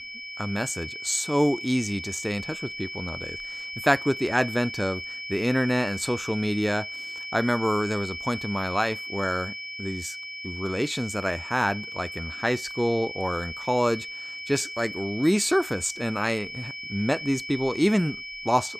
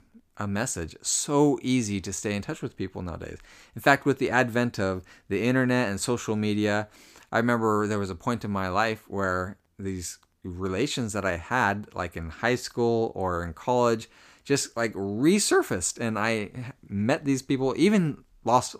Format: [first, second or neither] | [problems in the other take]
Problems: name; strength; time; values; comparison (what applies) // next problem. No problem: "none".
second | high-pitched whine; loud; throughout; 2.5 kHz, 8 dB below the speech